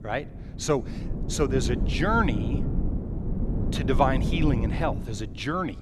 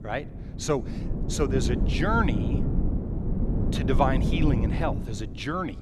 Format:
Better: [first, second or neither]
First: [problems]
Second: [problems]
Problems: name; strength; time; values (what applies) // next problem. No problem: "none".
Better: first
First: wind noise on the microphone; occasional gusts; 10 dB below the speech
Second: wind noise on the microphone; heavy; 7 dB below the speech